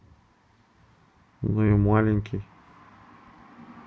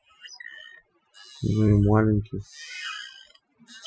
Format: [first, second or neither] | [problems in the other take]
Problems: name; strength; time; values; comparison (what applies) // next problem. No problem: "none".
first | noise reduction (classical method Wiener filter)